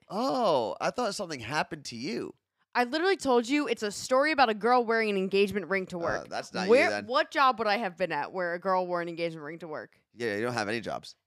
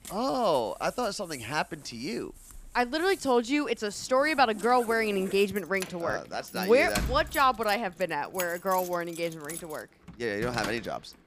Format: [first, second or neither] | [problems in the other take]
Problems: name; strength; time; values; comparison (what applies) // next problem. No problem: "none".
first | household noises; noticeable; throughout; 15 dB below the speech